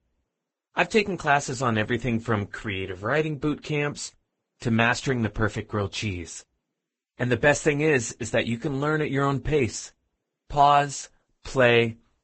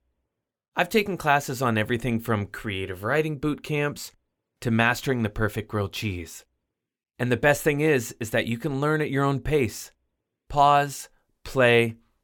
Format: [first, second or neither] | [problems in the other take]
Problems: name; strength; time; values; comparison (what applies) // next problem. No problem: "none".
second | garbled, watery; badly; nothing above 8 kHz